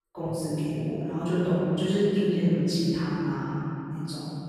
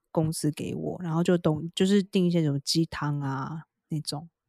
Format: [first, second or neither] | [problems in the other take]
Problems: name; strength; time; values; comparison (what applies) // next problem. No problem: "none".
second | off-mic speech; far // room echo; strong; dies away in 3 s